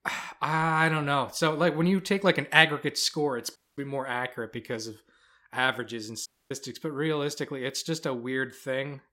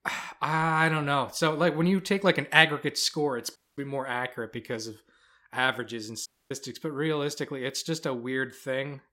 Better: neither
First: audio cutting out; at 3.5 s and at 6.5 s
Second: audio cutting out; at 3.5 s and at 6.5 s

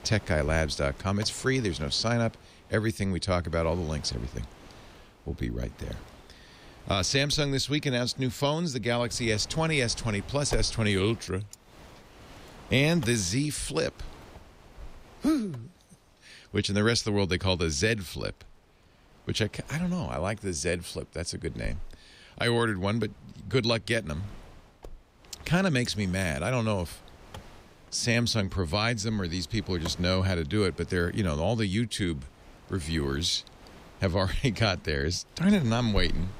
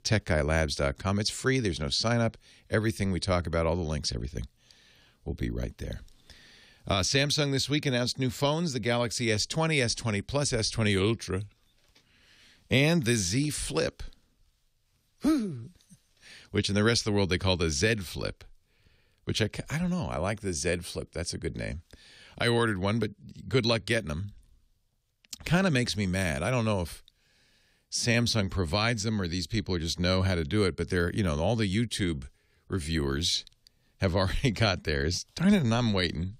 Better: second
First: wind noise on the microphone; occasional gusts; 20 dB below the speech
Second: none

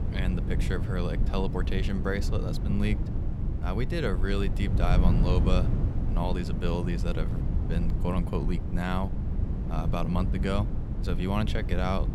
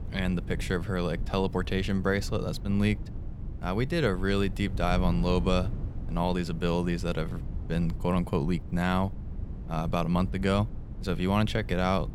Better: second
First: wind noise on the microphone; heavy; 7 dB below the speech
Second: wind noise on the microphone; occasional gusts; 20 dB below the speech

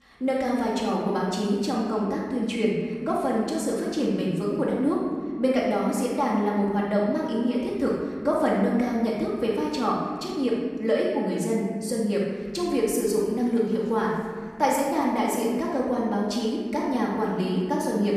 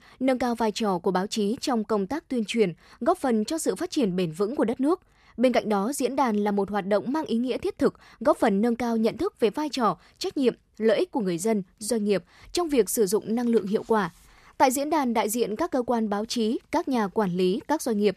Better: second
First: off-mic speech; far // room echo; noticeable; dies away in 1.9 s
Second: none

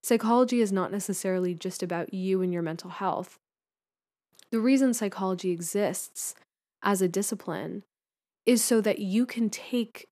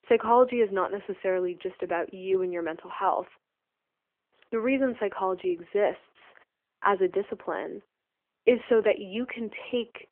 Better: first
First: none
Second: phone-call audio; nothing above 3 kHz

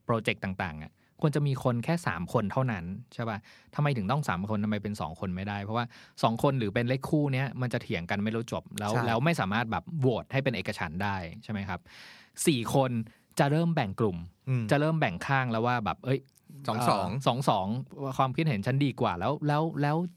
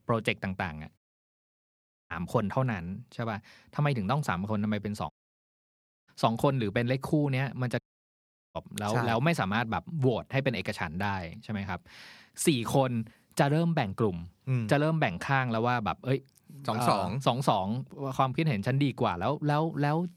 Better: first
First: none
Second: audio cutting out; at 1 s for 1 s, at 5 s for 1 s and at 8 s for 0.5 s

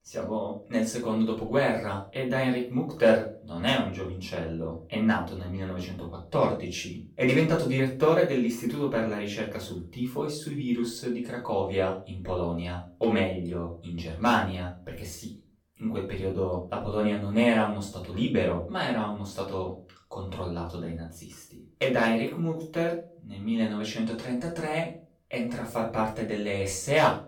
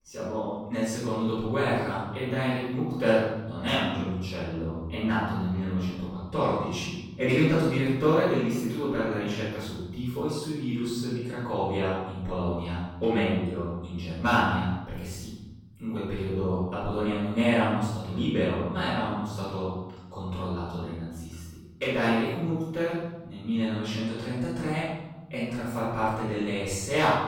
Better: first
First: room echo; slight; dies away in 0.3 s // off-mic speech; far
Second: room echo; strong; dies away in 1.2 s // off-mic speech; far

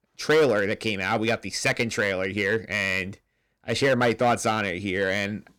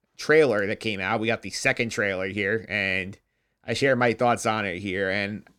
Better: second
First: distortion; slight; 4% of the sound clipped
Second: none

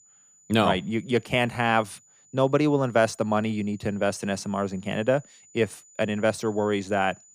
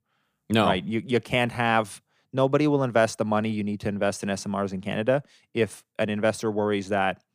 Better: second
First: high-pitched whine; faint; throughout; 7 kHz, 30 dB below the speech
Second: none

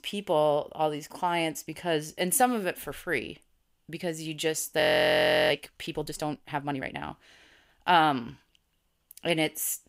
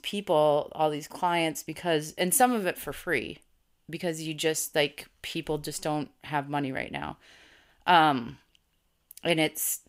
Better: second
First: audio freezing; at 5 s for 0.5 s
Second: none

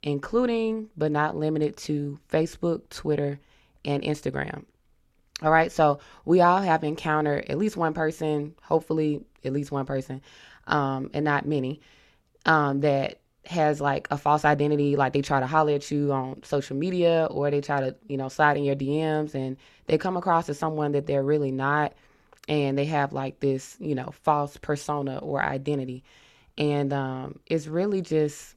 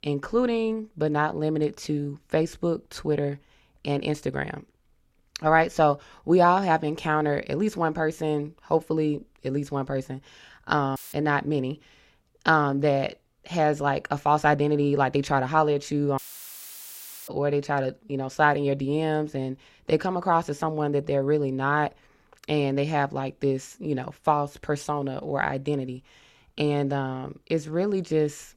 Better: first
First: none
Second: audio cutting out; filled with static; at 11 s and at 16 s for 1 s

